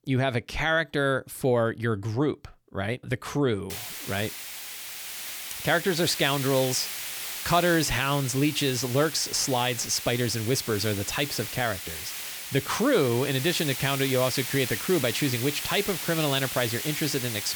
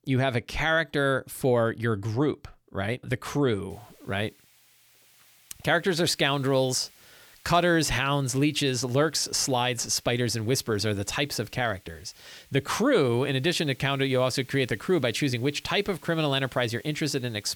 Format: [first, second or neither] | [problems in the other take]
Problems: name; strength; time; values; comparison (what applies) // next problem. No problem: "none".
second | hiss; loud; from 3.5 s on; 6 dB below the speech; faint in the second